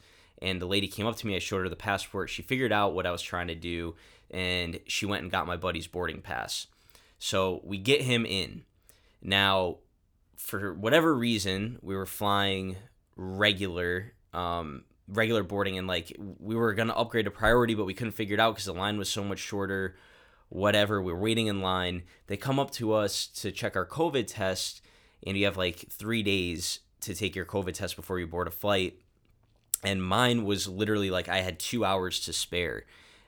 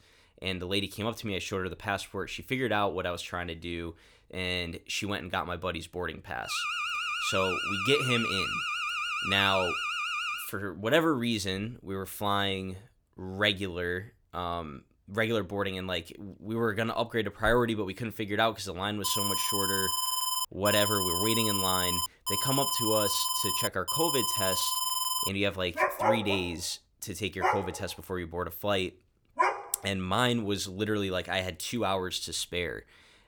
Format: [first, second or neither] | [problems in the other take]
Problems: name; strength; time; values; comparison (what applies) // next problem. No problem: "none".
first | alarm; loud; from 6.5 to 10 s and from 19 to 25 s; peak 4 dB above the speech // dog barking; loud; from 26 to 30 s; peak 5 dB above the speech